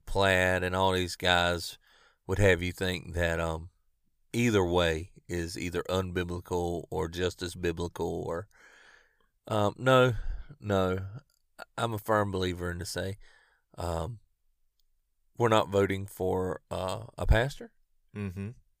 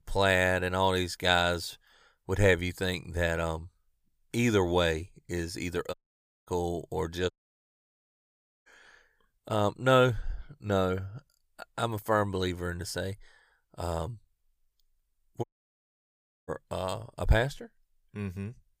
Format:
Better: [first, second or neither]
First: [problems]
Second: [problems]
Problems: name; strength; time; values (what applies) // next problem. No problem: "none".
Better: first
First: none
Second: audio cutting out; at 6 s for 0.5 s, at 7.5 s for 1.5 s and at 15 s for 1 s